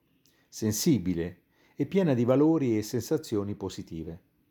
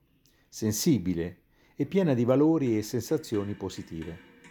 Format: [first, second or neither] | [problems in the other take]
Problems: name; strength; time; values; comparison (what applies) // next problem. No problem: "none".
first | household noises; faint; throughout; 25 dB below the speech